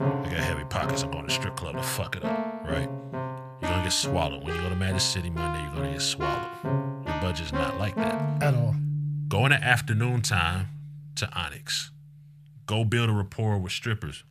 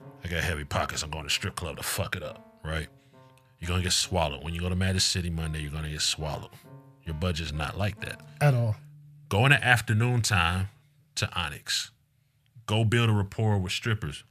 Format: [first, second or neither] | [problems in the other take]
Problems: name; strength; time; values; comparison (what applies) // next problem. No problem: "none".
second | background music; loud; throughout; 4 dB below the speech; faint in the second